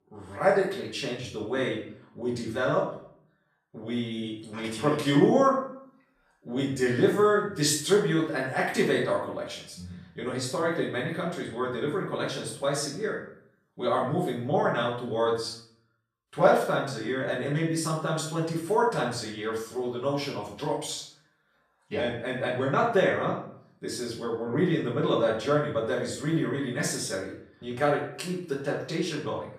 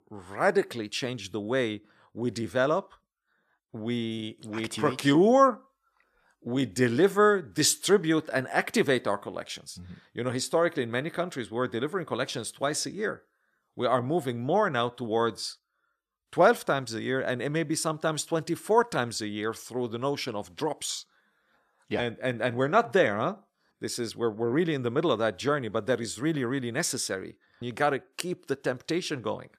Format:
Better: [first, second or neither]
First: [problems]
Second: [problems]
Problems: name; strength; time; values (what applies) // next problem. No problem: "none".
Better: second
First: off-mic speech; far // room echo; noticeable; dies away in 0.5 s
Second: none